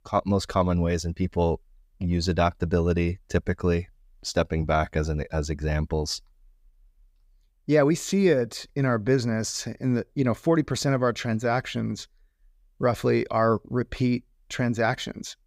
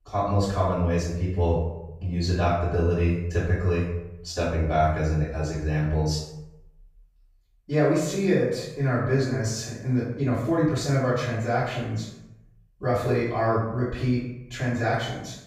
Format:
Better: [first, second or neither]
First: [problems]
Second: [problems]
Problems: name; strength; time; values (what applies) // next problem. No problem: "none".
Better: first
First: none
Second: off-mic speech; far // room echo; noticeable; dies away in 0.7 s